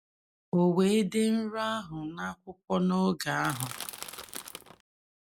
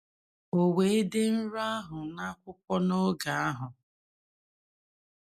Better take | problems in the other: second | background sound (Crushing); 12 dB below the speech

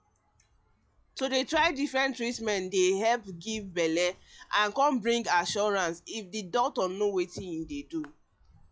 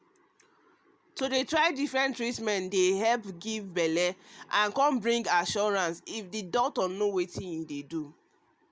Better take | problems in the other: second | noise reduction (classical method log-MMSE)

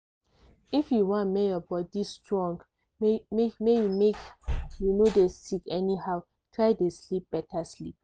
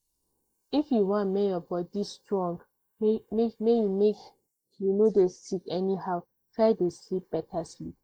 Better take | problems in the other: first | noise reduction (neural mask model Resemble Enhance denoiser)

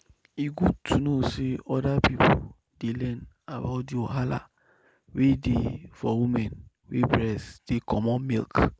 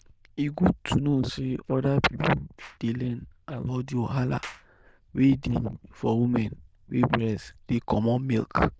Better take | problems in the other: first | noise reduction (neural diffusion model UNIVERSE++)

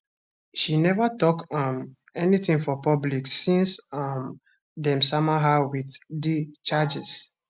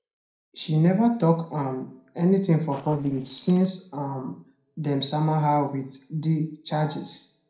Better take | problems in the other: first | noise reduction (neural separator model SepFormer DNS4)

